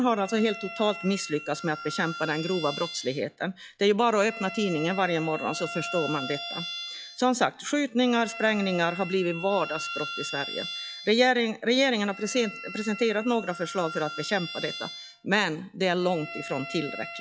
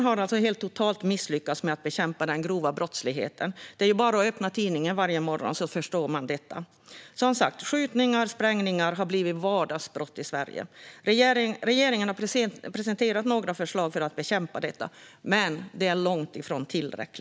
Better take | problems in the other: second | noise reduction (classical method log-MMSE)

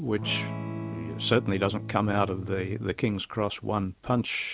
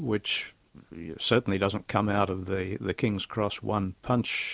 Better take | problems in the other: second | background sound (Electric guitar / Strum); 8 dB below the speech

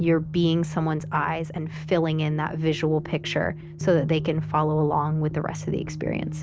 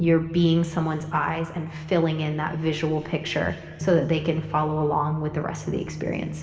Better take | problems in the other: first | room echo; dies away in 2.1 s

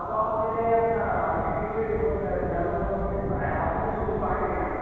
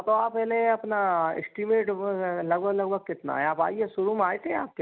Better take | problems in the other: second | background sound (Thunder / Rain); 6 dB below the speech // room echo; dies away in 2.2 s

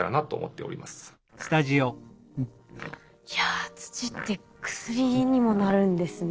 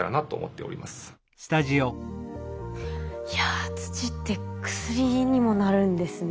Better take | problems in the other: second | noise reduction (neural separator model SepFormer DNS4)

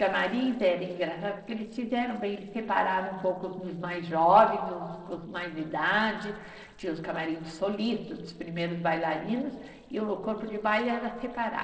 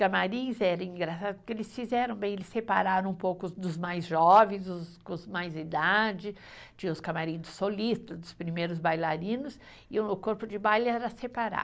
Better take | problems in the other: second | noise reduction (neural separator model SepFormer DNS4)

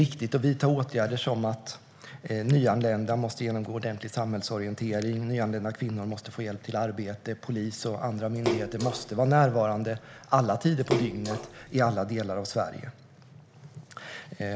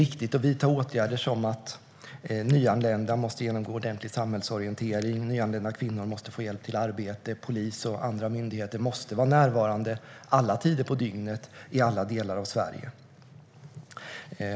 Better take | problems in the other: second | background sound (Splash, splatter); 7 dB below the speech

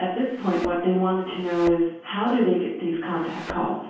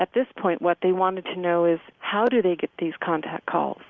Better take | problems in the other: second | background sound (Thump, thud); 17 dB below the speech // room echo; dies away in 0.6 s

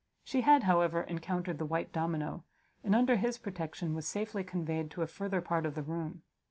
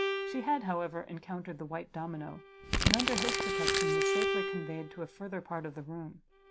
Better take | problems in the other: first | background sound (Bowed string instrument + Crumpling, crinkling); 3 dB above the speech

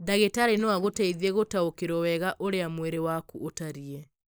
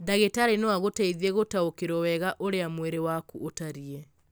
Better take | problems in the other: second | noise reduction (neural mask model Resemble Enhance denoiser)

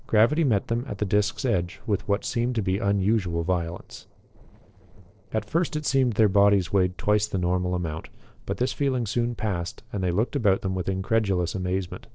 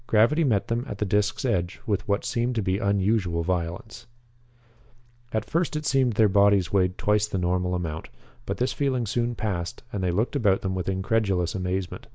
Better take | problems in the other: second | noise reduction (neural separator model SepFormer DNS4)

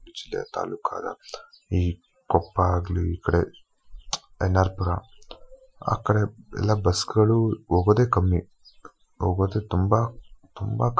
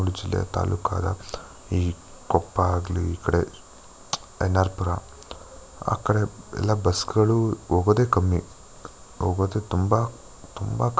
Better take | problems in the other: second | noise reduction (classical method Wiener filter)

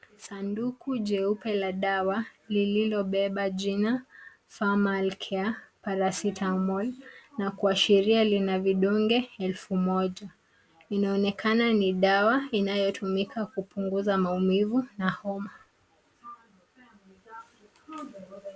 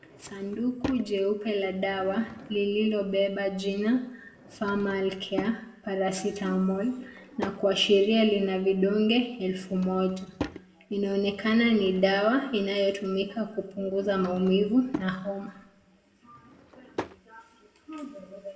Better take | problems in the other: first | background sound (Drawer open or close / Wood); 16 dB below the speech // room echo; dies away in 0.7 s

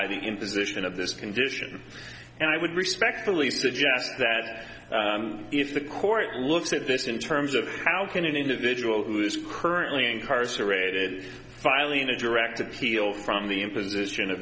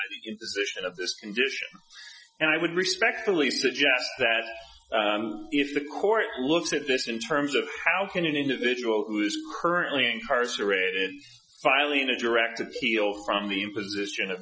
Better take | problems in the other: first | noise reduction (classical method Wiener filter)

